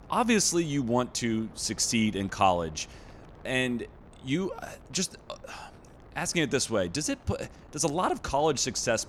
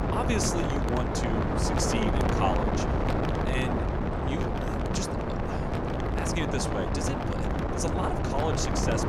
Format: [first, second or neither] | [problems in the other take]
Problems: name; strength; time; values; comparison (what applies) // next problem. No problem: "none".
first | wind noise on the microphone; heavy; 3 dB above the speech; occasional gusts in the first